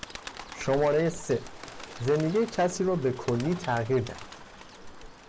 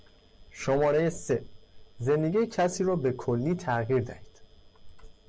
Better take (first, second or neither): second